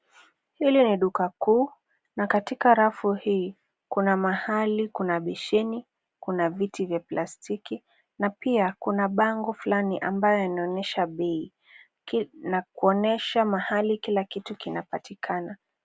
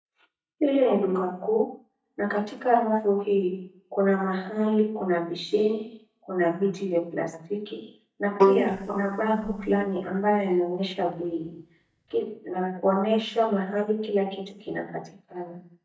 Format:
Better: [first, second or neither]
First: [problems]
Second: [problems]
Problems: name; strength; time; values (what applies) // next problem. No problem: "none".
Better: first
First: none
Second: noise reduction (neural mask model DeepFilterNet 3)